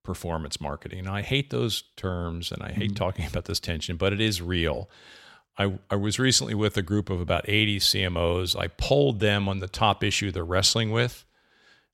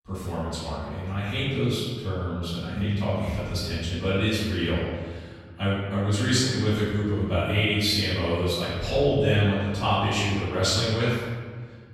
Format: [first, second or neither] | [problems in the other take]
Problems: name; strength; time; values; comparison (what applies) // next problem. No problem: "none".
first | room echo; strong; dies away in 1.5 s // off-mic speech; far